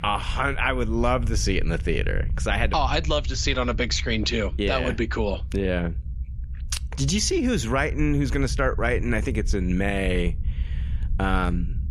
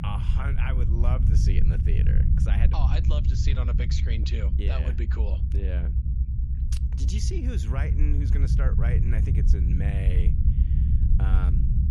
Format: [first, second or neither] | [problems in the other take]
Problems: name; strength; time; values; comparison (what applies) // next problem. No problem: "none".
first | low rumble; loud; throughout; 2 dB below the speech; faint in the first